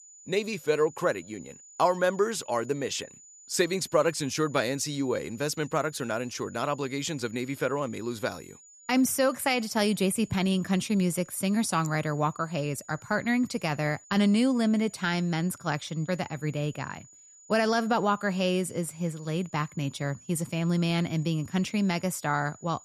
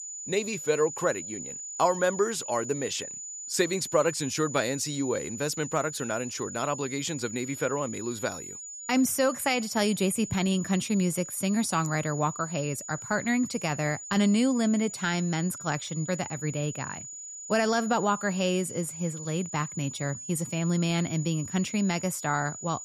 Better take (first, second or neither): first